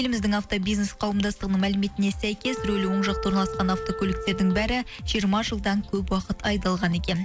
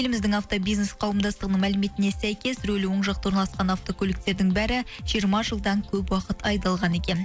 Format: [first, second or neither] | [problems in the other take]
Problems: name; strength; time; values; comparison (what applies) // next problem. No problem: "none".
second | background sound (Wind instrument, woodwind instrument); 9 dB below the speech